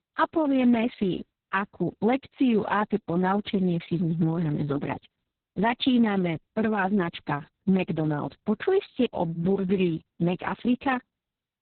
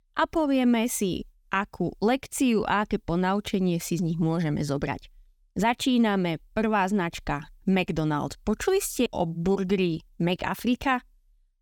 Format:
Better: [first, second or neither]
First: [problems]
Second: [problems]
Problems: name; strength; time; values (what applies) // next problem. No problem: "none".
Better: second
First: garbled, watery; badly; nothing above 3.5 kHz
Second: none